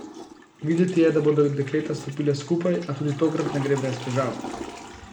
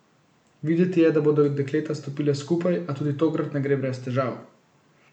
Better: second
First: background sound (Toilet flush / Water); 13 dB below the speech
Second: none

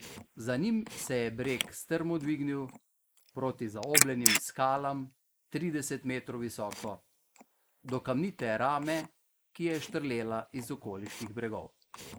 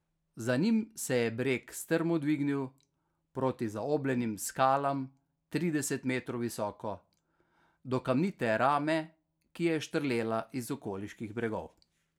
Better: second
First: noise reduction (neural mask model Resemble Enhance denoiser)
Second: none

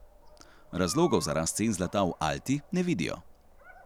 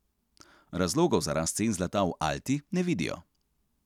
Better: second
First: background sound (Meow + Dog); 19 dB below the speech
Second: none

